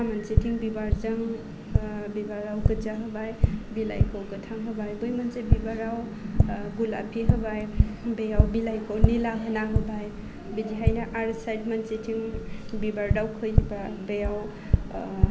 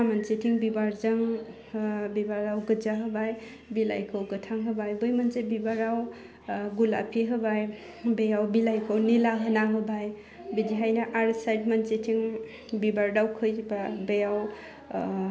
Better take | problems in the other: second | background sound (Tap); 4 dB above the speech

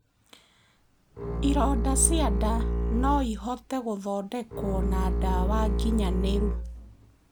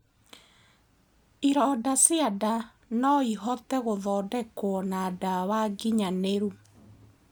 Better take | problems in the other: second | background sound (Bowed string instrument); 3 dB above the speech

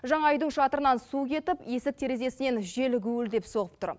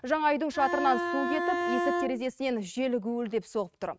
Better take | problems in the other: first | noise reduction (neural mask model RNNoise)

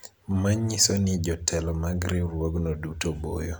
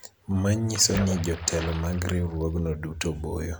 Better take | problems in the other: first | background sound (Splash, splatter); 12 dB below the speech

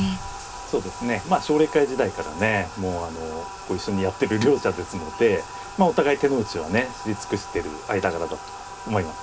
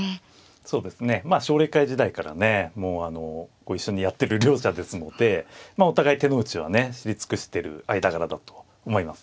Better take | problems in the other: second | background sound (Bathtub (filling or washing)); 12 dB below the speech // room echo; dies away in 0.3 s

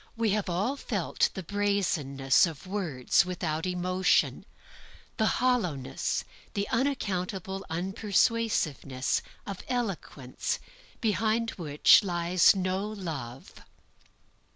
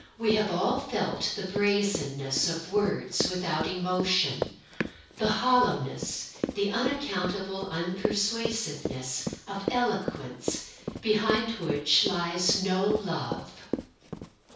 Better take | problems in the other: first | background sound (Run); 8 dB below the speech // room echo; dies away in 0.6 s

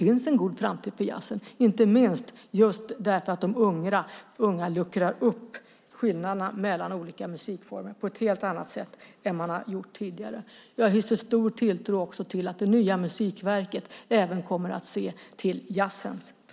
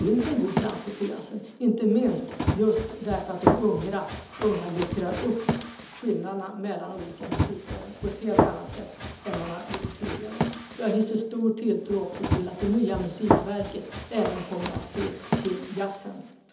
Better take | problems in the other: first | background sound (Run); 3 dB below the speech // room echo; dies away in 1.2 s

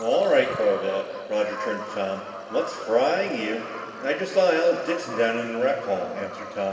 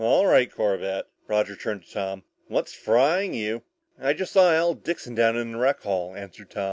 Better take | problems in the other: second | background sound (Bird vocalization, bird call, bird song); 14 dB below the speech // room echo; dies away in 2.4 s

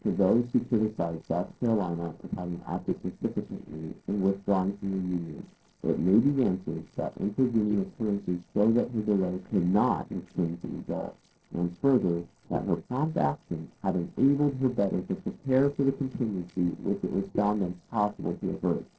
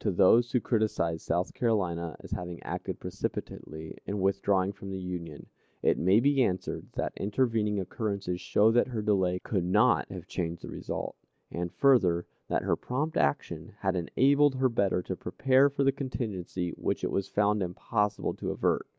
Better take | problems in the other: second | noise reduction (neural separator model SepFormer DNS4)

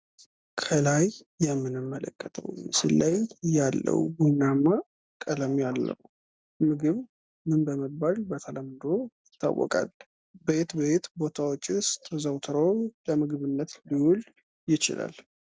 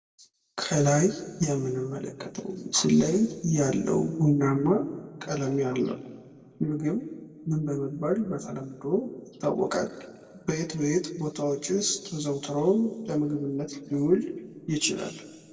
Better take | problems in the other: first | room echo; dies away in 1.5 s

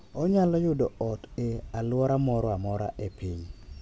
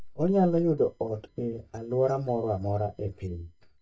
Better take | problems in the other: first | noise reduction (neural mask model DeepFilterNet 3)

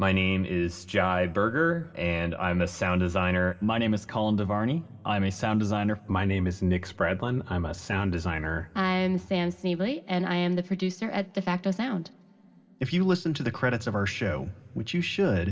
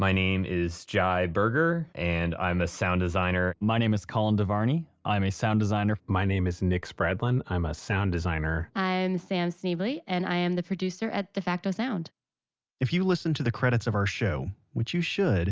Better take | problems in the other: second | room echo; dies away in 1.7 s

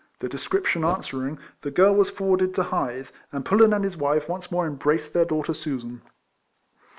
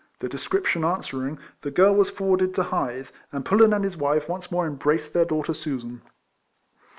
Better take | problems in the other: second | background sound (Whoosh, swoosh, swish); 12 dB below the speech

